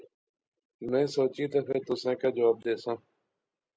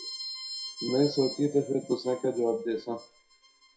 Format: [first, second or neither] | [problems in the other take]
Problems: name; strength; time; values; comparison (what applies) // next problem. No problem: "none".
first | noise reduction (classical method WPE with log-MMSE)